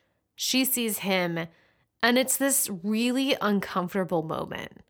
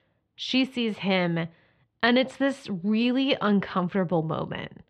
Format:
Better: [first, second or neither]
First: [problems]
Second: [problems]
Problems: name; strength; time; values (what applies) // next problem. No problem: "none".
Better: first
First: none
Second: muffled; slightly; fading above 3.5 kHz